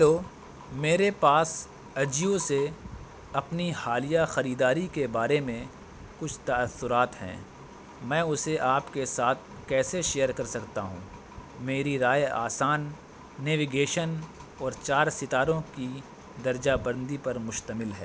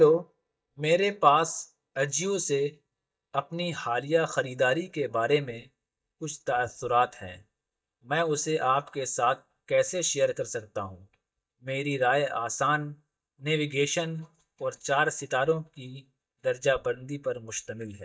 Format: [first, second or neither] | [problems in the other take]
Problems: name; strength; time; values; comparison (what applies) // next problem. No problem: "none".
first | noise reduction (neural mask model DeepFilterNet 3)